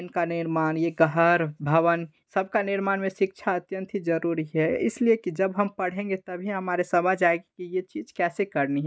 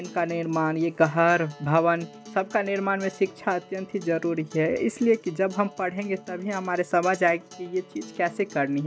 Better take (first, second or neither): first